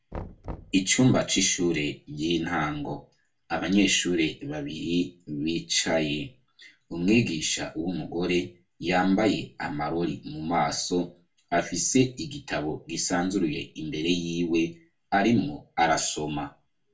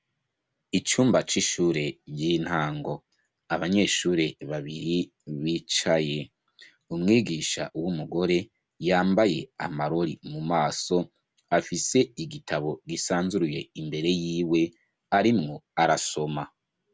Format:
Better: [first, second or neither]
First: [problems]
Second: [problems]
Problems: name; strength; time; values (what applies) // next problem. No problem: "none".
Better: second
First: background sound (Knock); 17 dB below the speech // room echo; dies away in 0.2 s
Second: none